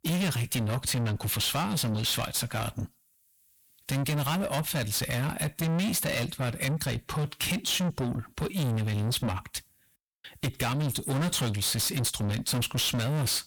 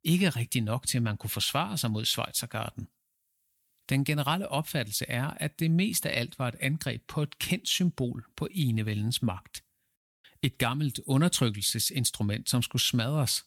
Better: second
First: distortion; heavy; 5 dB below the speech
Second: none

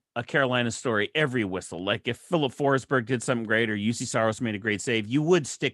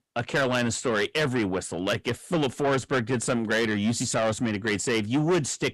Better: first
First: none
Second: distortion; heavy; 7 dB below the speech

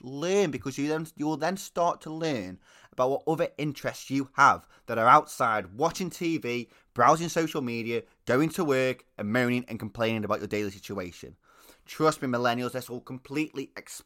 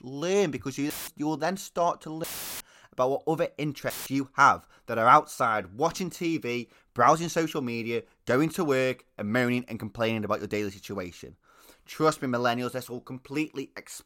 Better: first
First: none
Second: audio cutting out; filled with static; at 1 s, at 2 s and at 4 s

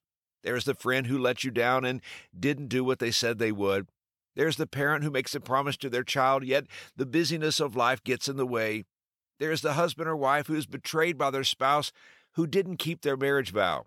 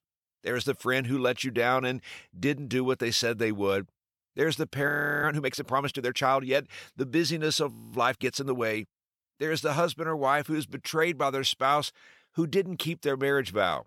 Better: first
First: none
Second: audio freezing; at 5 s and at 7.5 s

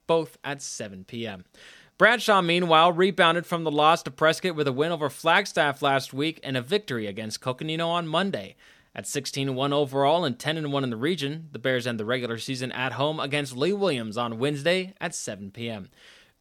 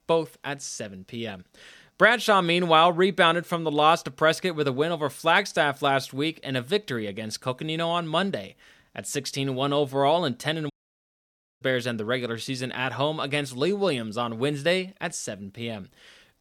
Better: first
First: none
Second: audio cutting out; at 11 s for 1 s

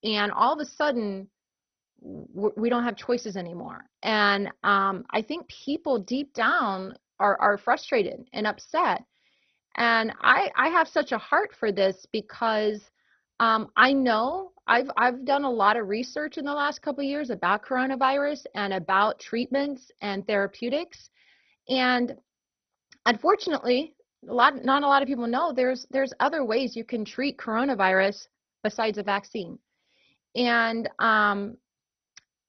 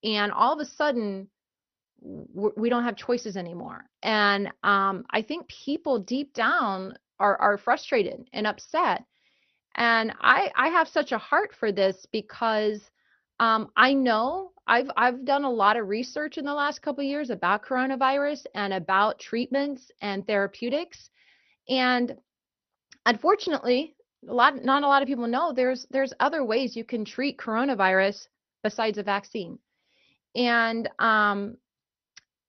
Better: second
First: garbled, watery; badly; nothing above 6 kHz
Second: garbled, watery; slightly; nothing above 6 kHz

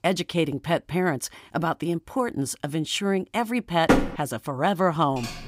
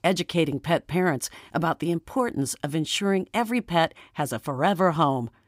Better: second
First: door banging; loud; at 4 s; peak 4 dB above the speech // keyboard typing; very faint; at 5 s; peak 10 dB below the speech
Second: none

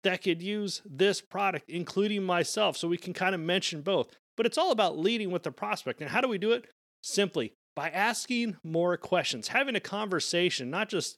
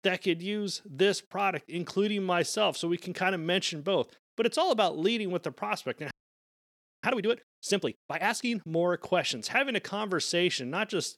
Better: first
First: none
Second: audio freezing; at 6 s for 1 s

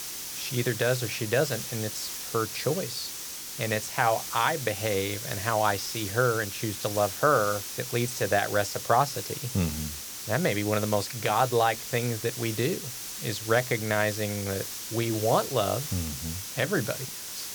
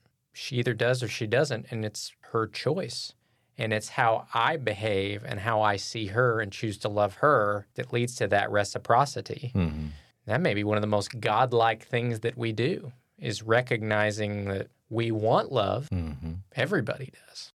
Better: second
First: hiss; loud; throughout; 6 dB below the speech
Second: none

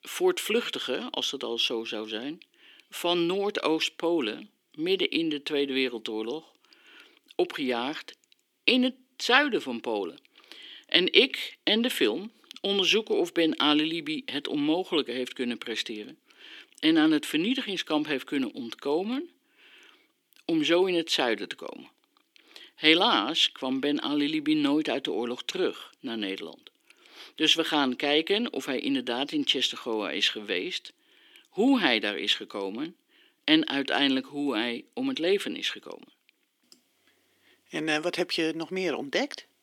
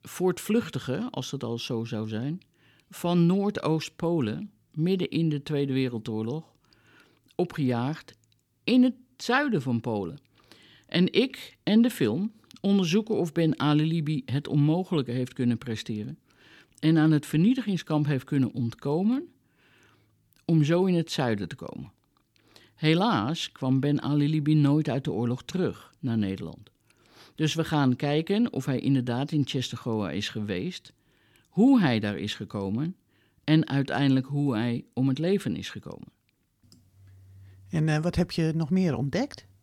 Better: second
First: thin; somewhat; fading below 300 Hz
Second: none

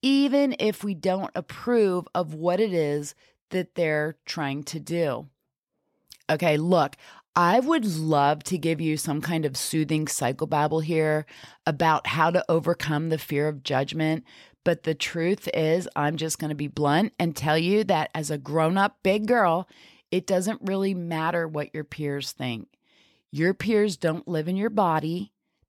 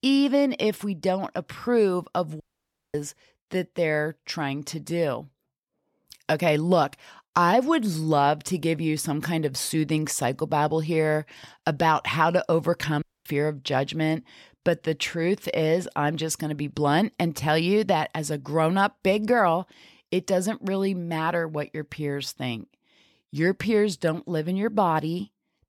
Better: first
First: none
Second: audio cutting out; at 2.5 s for 0.5 s and at 13 s

